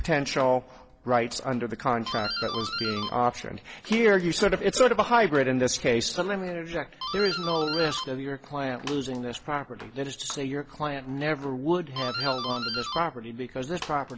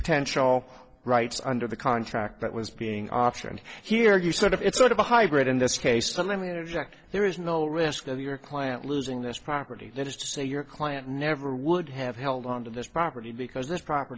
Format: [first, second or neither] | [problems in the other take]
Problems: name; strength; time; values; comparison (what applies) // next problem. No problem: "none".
second | background sound (Doorbell); 11 dB below the speech